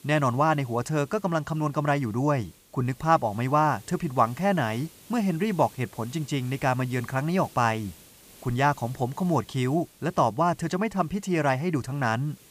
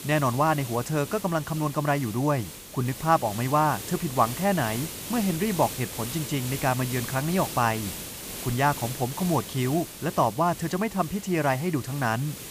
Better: first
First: hiss; faint; throughout; 25 dB below the speech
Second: hiss; loud; throughout; 9 dB below the speech

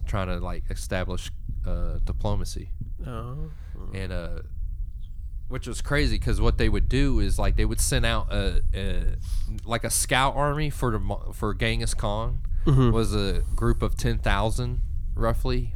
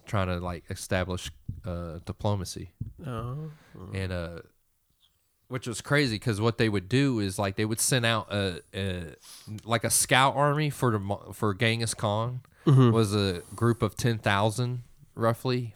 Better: second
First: low rumble; faint; throughout; 25 dB below the speech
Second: none

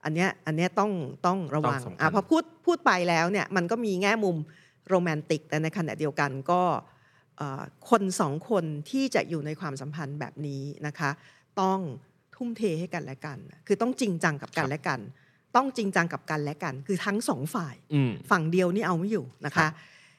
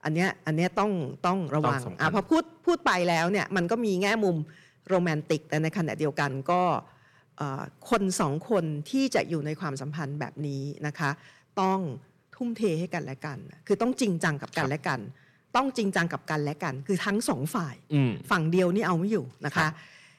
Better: first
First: none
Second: distortion; slight; 10 dB below the speech

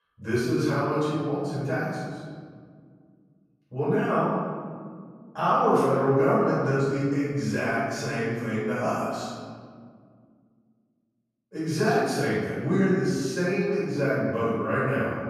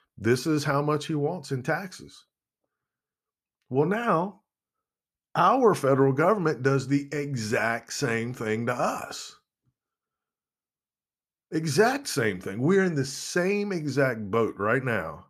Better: second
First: off-mic speech; far // room echo; strong; dies away in 1.9 s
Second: none

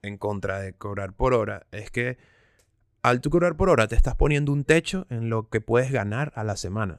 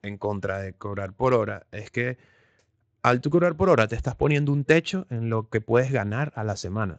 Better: first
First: none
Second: garbled, watery; slightly; nothing above 7.5 kHz

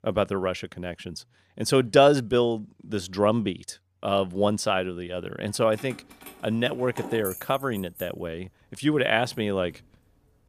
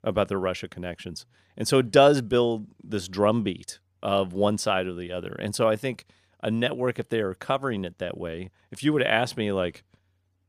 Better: second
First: jangling keys; noticeable; from 5.5 to 9.5 s; peak 9 dB below the speech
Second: none

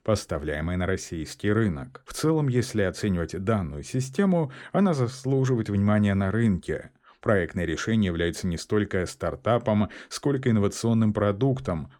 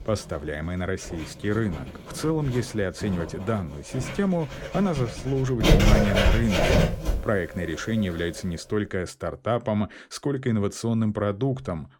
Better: first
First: none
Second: household noises; very loud; until 8.5 s; 2 dB above the speech

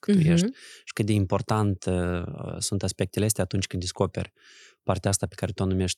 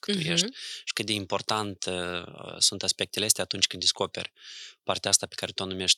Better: first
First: none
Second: thin; somewhat; fading below 650 Hz

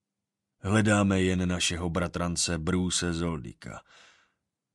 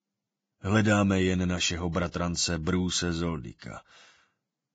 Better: first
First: garbled, watery; slightly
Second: garbled, watery; badly; nothing above 7.5 kHz

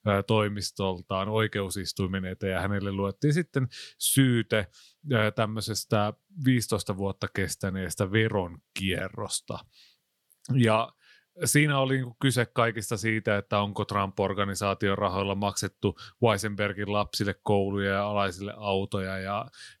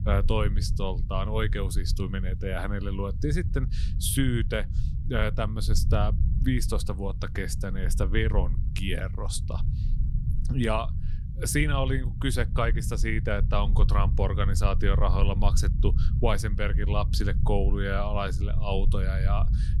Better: first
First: none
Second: low rumble; noticeable; throughout; 15 dB below the speech

